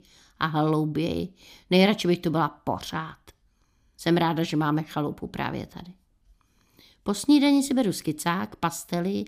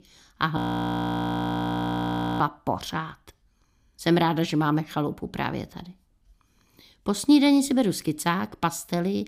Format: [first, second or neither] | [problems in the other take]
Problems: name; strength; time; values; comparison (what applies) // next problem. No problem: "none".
first | audio freezing; at 0.5 s for 2 s